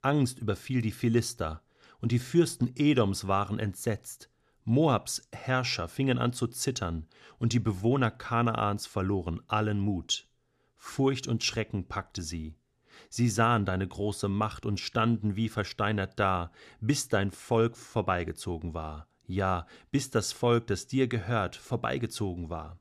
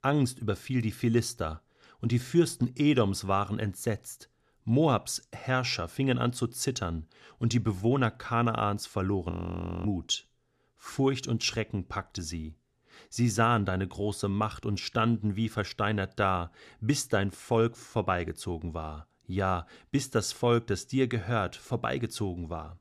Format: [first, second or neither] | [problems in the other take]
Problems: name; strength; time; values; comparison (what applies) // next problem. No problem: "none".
first | audio freezing; at 9.5 s for 0.5 s